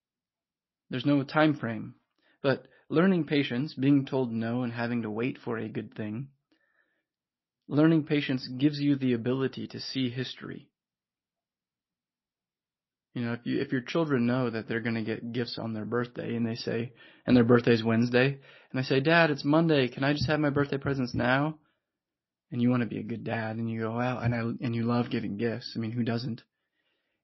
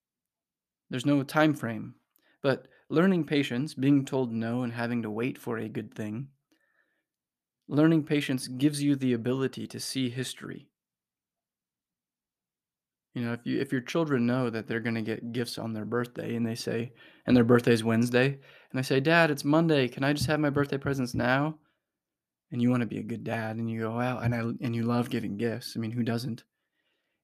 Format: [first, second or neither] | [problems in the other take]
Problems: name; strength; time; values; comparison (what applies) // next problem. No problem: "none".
second | garbled, watery; slightly; nothing above 5.5 kHz